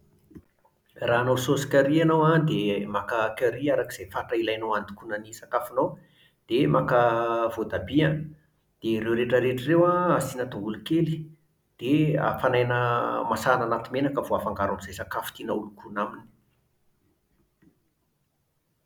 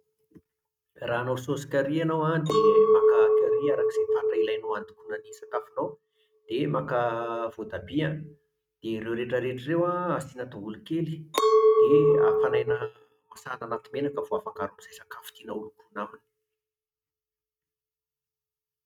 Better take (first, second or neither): first